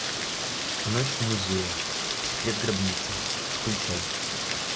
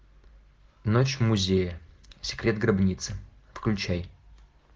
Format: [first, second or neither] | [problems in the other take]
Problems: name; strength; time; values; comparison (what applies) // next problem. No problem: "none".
second | background sound (Rain); 3 dB above the speech